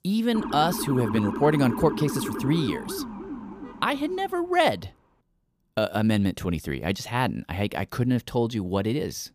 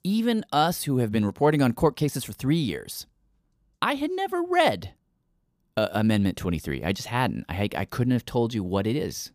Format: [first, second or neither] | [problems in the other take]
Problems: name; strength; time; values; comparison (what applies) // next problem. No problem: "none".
second | siren; noticeable; until 4.5 s; peak 5 dB below the speech